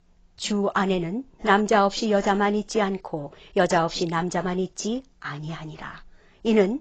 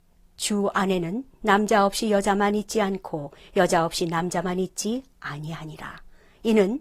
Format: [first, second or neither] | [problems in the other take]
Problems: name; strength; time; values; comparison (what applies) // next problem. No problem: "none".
second | garbled, watery; badly; nothing above 7.5 kHz; slightly in the second